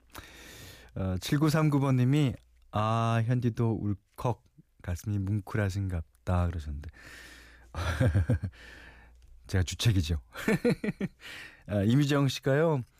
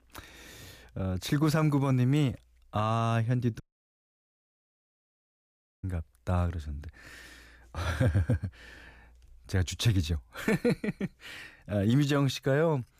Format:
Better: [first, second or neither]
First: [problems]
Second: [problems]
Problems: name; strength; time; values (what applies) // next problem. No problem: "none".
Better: first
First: none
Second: audio cutting out; at 3.5 s for 2 s